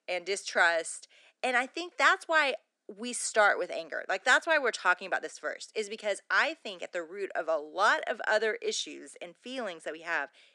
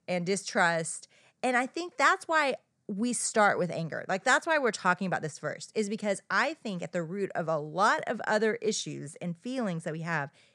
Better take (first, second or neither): second